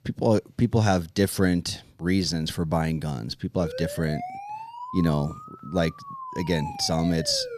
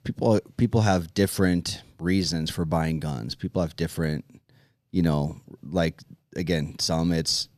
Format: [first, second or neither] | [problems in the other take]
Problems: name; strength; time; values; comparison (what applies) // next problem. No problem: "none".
second | siren; noticeable; from 3.5 s on; peak 9 dB below the speech